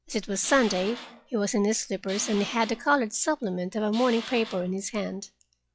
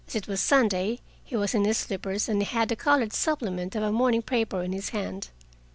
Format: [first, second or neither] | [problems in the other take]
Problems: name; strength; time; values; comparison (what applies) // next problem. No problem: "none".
second | noise reduction (classical method log-MMSE)